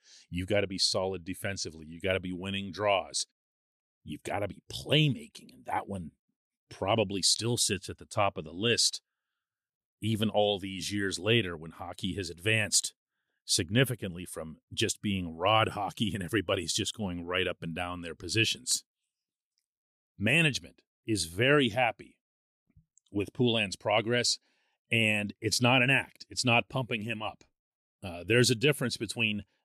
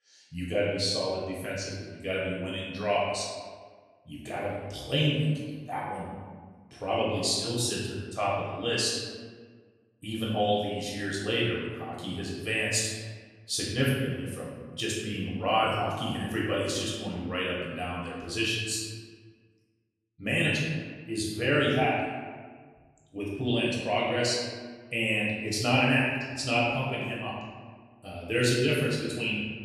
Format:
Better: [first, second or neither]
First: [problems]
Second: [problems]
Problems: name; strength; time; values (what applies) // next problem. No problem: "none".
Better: first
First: none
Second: room echo; noticeable; dies away in 1.4 s // off-mic speech; far